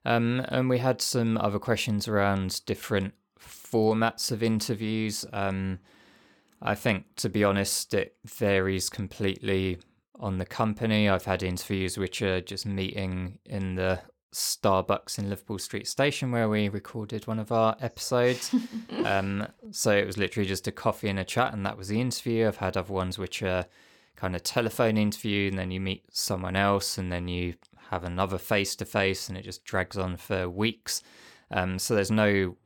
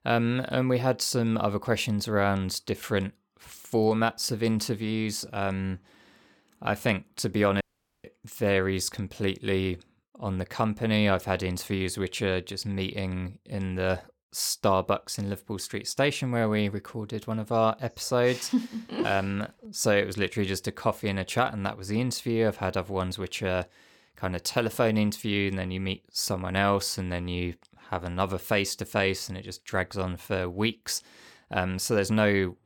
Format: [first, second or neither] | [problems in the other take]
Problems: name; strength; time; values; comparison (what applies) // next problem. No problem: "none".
first | audio cutting out; at 7.5 s